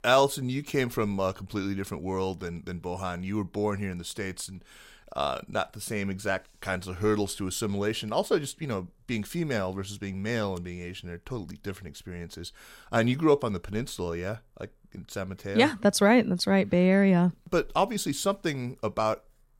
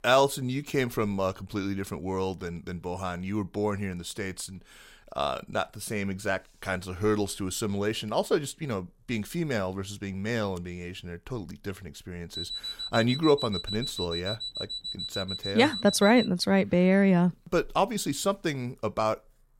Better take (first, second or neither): first